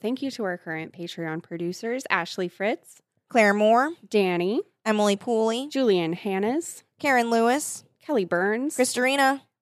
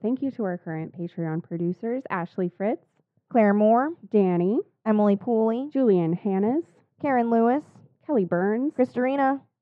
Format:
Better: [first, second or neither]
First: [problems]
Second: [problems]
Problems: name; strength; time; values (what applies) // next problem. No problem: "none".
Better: first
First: none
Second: muffled; very; fading above 1 kHz